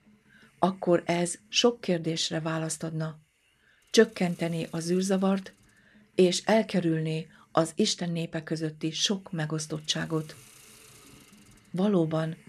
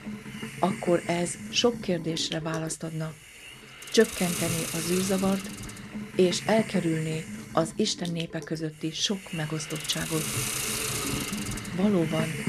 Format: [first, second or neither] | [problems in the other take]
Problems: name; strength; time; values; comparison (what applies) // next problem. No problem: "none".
first | hiss; loud; throughout; 5 dB below the speech; faint in the first